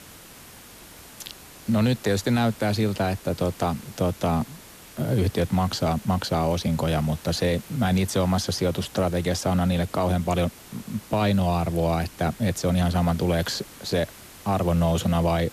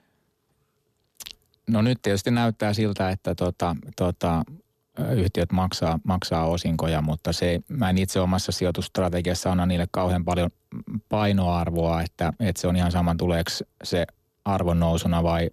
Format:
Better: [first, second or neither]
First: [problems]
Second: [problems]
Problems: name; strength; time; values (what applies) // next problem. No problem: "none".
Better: second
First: hiss; noticeable; throughout; 20 dB below the speech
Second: none